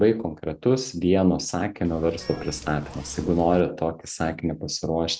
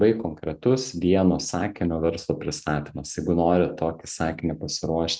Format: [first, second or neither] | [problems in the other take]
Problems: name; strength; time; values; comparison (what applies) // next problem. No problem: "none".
second | background sound (Zipper (clothing) / Telephone); 16 dB below the speech